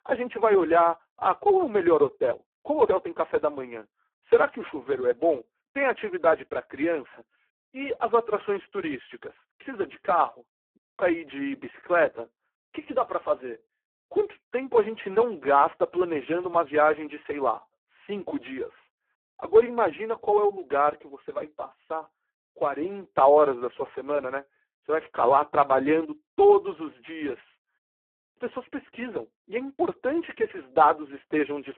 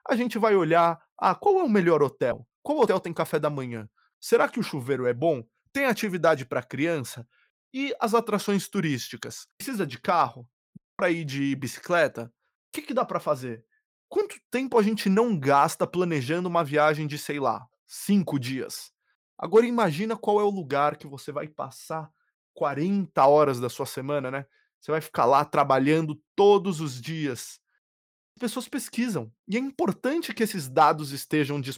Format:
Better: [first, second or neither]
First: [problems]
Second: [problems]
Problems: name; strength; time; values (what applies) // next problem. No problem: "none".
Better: second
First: phone-call audio; poor line; nothing above 3.5 kHz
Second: none